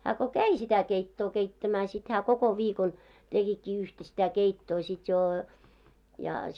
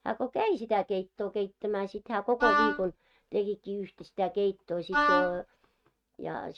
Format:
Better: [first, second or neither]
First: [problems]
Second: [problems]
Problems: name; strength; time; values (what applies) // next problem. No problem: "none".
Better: first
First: none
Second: noise reduction (neural mask model RNNoise)